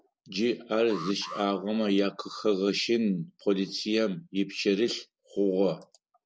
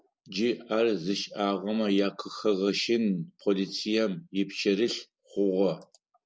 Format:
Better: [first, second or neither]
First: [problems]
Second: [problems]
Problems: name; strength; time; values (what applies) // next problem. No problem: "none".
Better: second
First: background sound (Alarm); 16 dB below the speech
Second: none